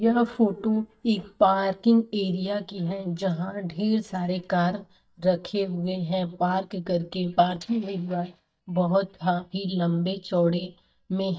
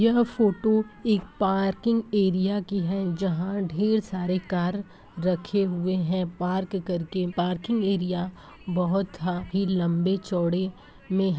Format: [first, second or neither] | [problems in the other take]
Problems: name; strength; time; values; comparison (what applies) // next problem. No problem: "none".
second | noise reduction (neural mask model DeepFilterNet 3)